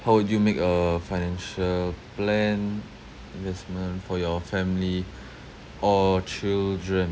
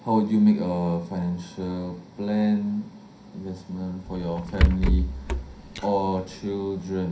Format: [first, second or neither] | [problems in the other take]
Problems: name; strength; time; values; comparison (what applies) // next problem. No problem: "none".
first | background sound (Rattle / Breathing); as loud as the speech // room echo; dies away in 0.5 s